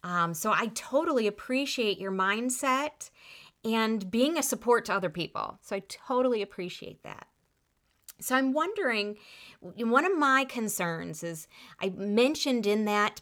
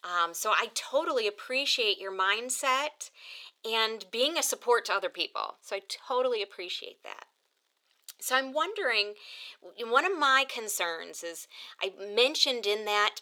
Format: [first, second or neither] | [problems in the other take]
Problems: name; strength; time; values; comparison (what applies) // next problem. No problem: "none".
first | thin; very; fading below 400 Hz